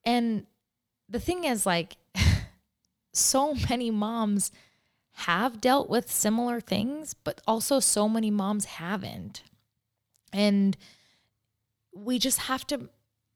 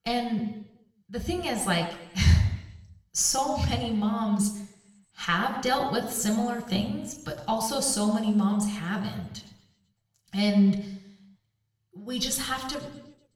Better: first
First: none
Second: room echo; slight; dies away in 0.8 s // off-mic speech; somewhat distant

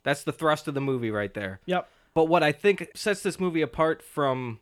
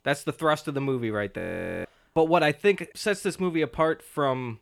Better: first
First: none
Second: audio freezing; at 1.5 s

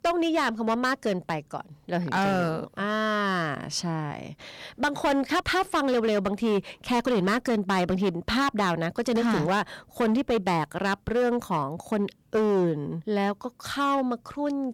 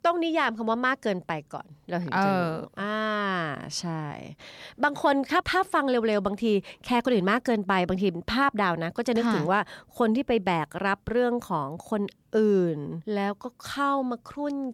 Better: second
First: distortion; slight; 10% of the sound clipped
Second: none

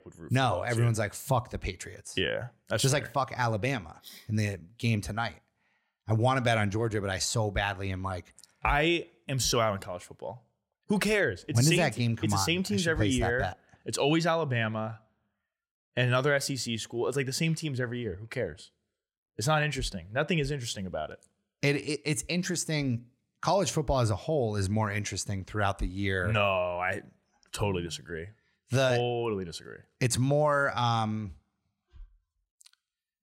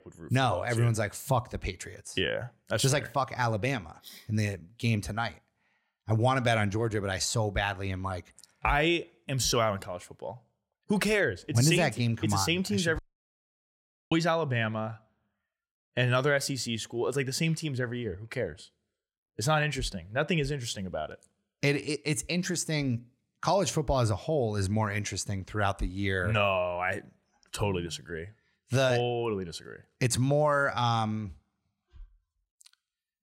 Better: first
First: none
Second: audio cutting out; at 13 s for 1 s

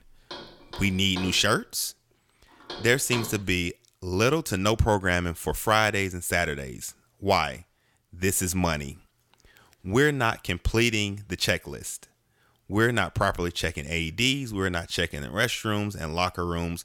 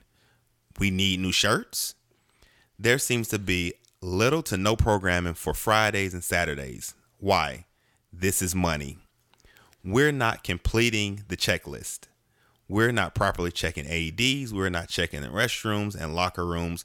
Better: second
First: door banging; noticeable; until 3.5 s; peak 10 dB below the speech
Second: none

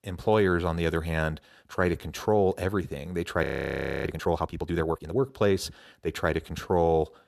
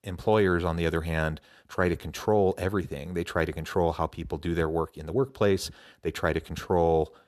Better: second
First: audio freezing; at 3.5 s for 0.5 s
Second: none

